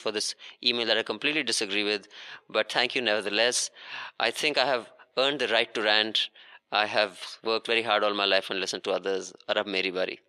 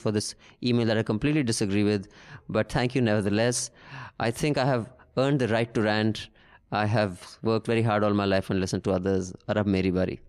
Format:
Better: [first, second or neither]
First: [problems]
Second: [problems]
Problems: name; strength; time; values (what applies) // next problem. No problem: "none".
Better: second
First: thin; very; fading below 500 Hz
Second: none